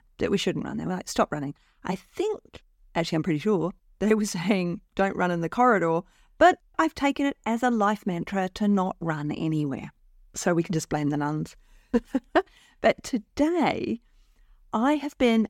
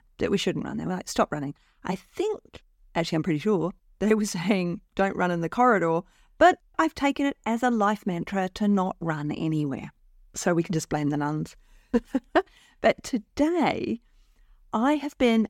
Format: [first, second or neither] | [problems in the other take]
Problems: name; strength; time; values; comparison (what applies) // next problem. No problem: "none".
neither | none